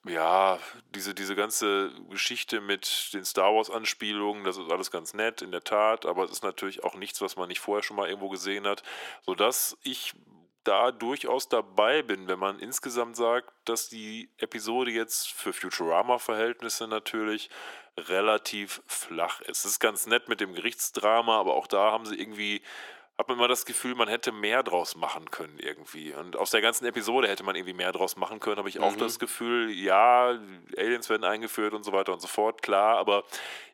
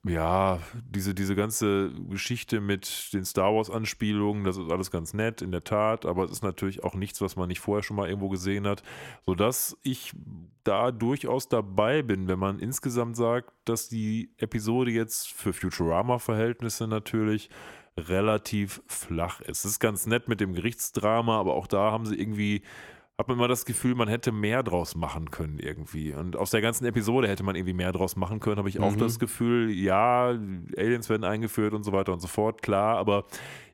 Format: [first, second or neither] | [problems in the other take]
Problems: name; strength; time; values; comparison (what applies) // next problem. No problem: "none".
second | thin; somewhat; fading below 350 Hz